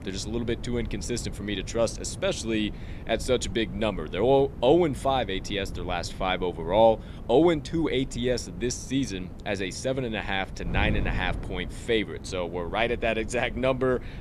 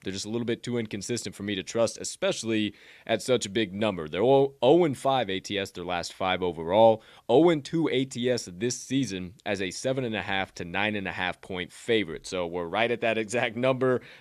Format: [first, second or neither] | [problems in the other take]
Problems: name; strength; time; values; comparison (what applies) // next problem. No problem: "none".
second | wind noise on the microphone; occasional gusts; 20 dB below the speech